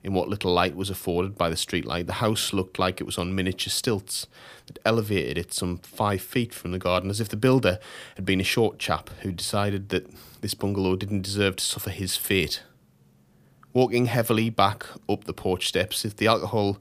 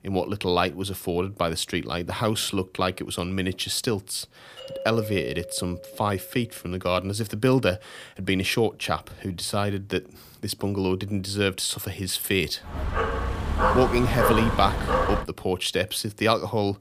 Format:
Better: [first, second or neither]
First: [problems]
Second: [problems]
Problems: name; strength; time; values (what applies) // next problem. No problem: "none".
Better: first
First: none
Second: doorbell; noticeable; from 4.5 to 6.5 s; peak 8 dB below the speech // dog barking; loud; from 13 to 15 s; peak 3 dB above the speech